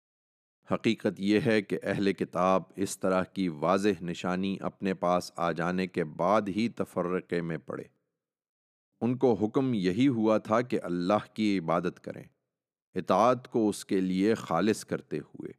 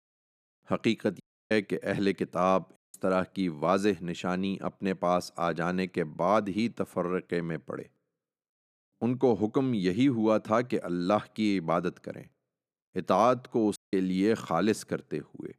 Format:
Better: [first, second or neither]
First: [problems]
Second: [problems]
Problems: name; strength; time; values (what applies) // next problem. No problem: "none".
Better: first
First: none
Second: audio cutting out; at 1 s, at 3 s and at 14 s